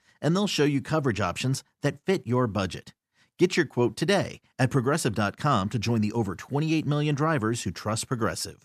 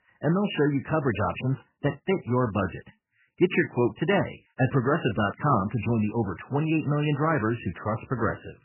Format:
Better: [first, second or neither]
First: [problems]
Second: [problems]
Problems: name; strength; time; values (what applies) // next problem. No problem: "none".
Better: first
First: none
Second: garbled, watery; badly; nothing above 3 kHz